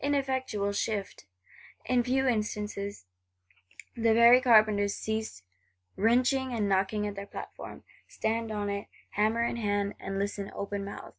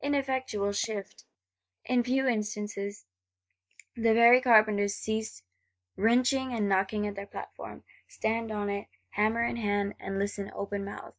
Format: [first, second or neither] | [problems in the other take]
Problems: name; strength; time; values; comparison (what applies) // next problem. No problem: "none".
first | noise reduction (neural mask model DeepFilterNet 3)